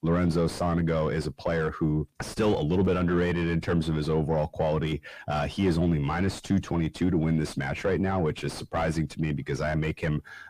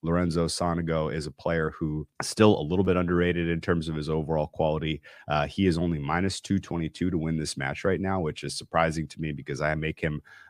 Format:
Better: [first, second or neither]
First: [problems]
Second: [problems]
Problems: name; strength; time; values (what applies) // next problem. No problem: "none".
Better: second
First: distortion; heavy; 6 dB below the speech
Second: none